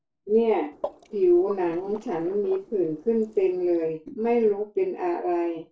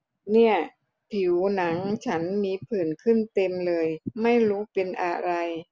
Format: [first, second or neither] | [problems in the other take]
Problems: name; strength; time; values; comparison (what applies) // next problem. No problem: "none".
second | noise reduction (neural separator model SepFormer DNS4)